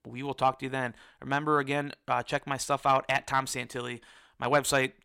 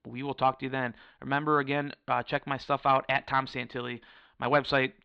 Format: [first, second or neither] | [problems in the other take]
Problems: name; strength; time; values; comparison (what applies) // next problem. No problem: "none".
first | muffled; very slightly; fading above 4 kHz